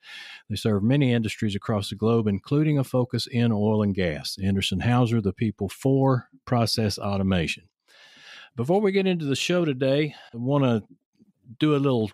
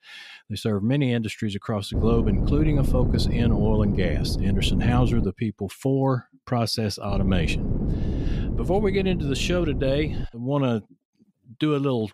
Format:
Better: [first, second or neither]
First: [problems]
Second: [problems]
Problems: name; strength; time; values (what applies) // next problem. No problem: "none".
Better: first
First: none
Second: wind noise on the microphone; heavy; from 2 to 5.5 s and from 7 to 10 s; 8 dB below the speech